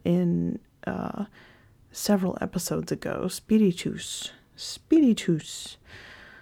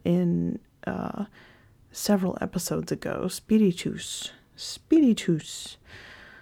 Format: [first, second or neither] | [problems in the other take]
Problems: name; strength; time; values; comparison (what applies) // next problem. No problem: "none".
neither | none